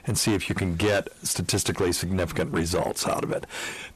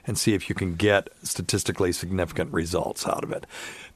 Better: second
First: distortion; heavy; 8 dB below the speech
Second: none

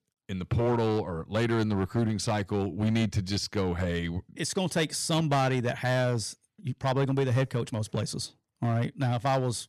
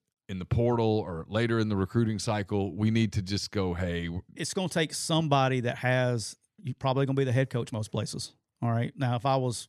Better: second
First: distortion; slight; 6% of the sound clipped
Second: none

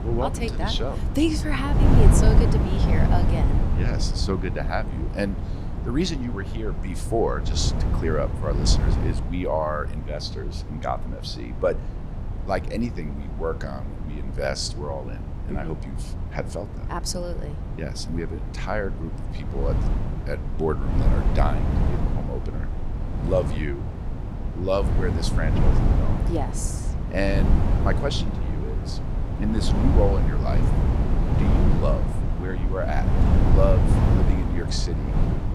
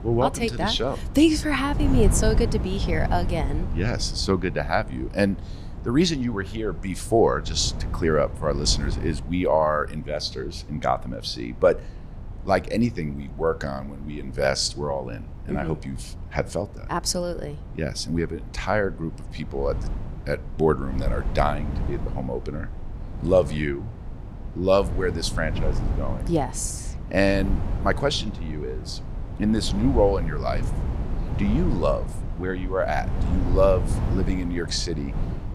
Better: second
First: wind noise on the microphone; heavy; 5 dB below the speech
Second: wind noise on the microphone; occasional gusts; 15 dB below the speech

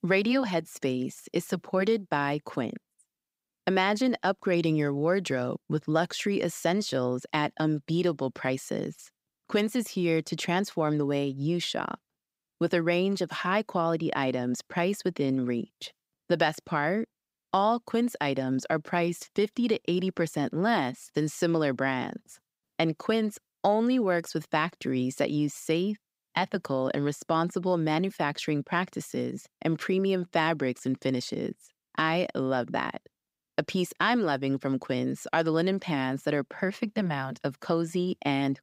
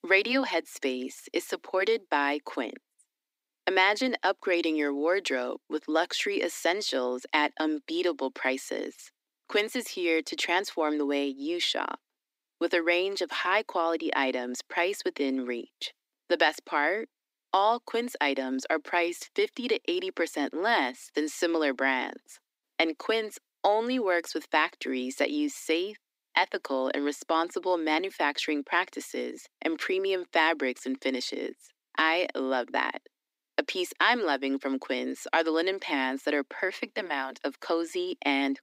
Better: first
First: none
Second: thin; very slightly; fading below 250 Hz

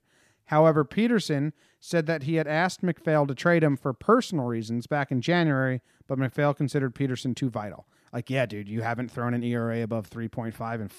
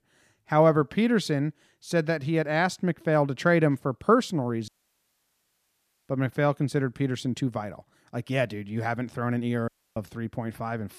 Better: first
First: none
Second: audio cutting out; at 4.5 s for 1.5 s and at 9.5 s

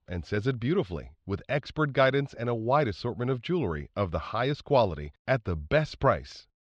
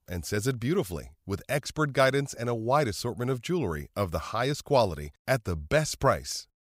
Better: second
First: muffled; slightly; fading above 3.5 kHz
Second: none

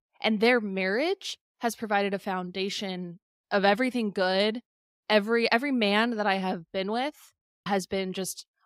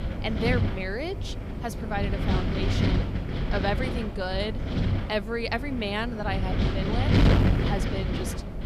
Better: first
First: none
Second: wind noise on the microphone; heavy; 2 dB below the speech

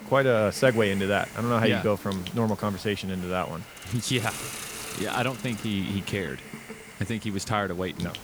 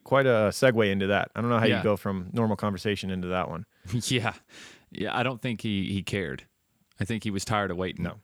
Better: second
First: hiss; noticeable; throughout; 10 dB below the speech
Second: none

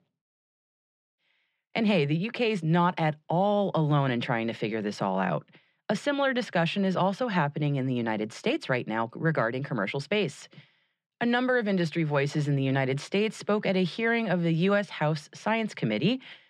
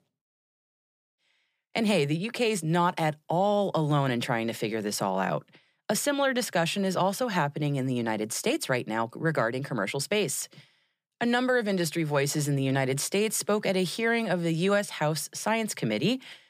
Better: second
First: muffled; slightly; fading above 3 kHz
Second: none

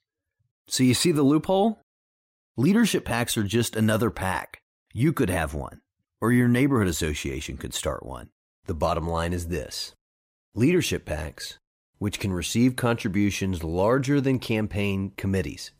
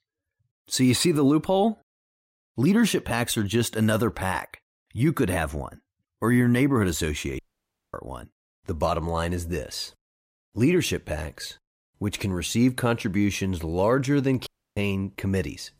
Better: first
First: none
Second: audio cutting out; at 7.5 s for 0.5 s and at 14 s

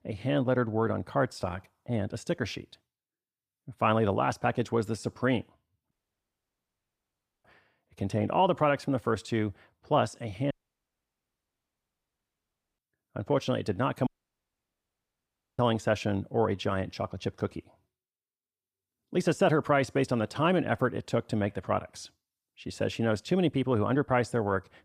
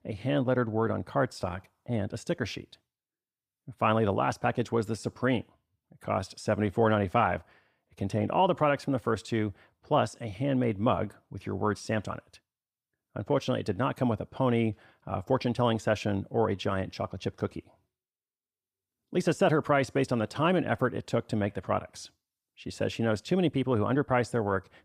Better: second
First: audio cutting out; at 6 s for 1.5 s, at 11 s for 2.5 s and at 14 s for 1.5 s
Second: none

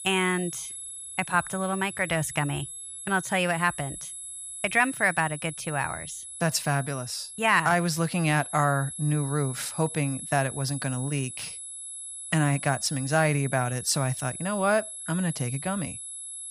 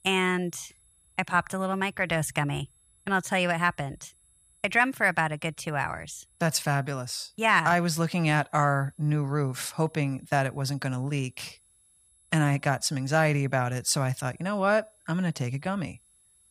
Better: second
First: high-pitched whine; loud; throughout; 11 kHz, 9 dB below the speech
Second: high-pitched whine; faint; throughout; 11 kHz, 35 dB below the speech

